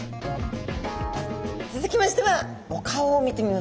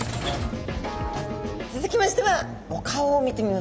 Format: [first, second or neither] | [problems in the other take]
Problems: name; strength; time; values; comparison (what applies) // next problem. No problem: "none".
first | background sound (Sliding door / Train); 12 dB below the speech